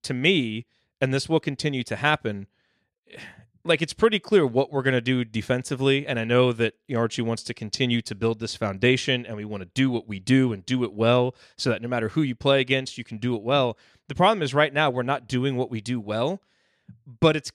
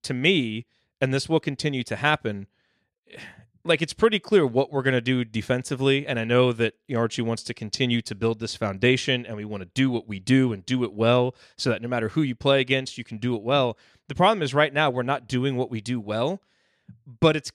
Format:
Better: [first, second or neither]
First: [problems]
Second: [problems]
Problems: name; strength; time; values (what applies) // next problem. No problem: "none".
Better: neither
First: none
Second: none